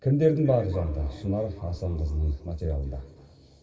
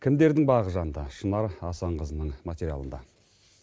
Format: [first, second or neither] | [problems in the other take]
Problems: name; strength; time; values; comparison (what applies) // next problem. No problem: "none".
second | room echo; dies away in 2.9 s